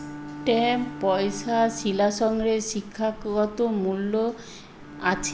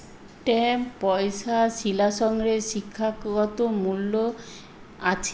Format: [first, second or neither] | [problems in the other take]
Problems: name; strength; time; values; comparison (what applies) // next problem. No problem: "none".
second | background sound (Bowed string instrument); 15 dB below the speech